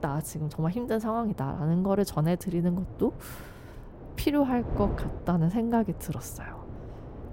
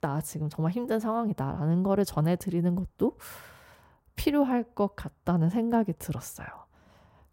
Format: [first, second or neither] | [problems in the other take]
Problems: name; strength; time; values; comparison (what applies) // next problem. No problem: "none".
second | wind noise on the microphone; occasional gusts; 15 dB below the speech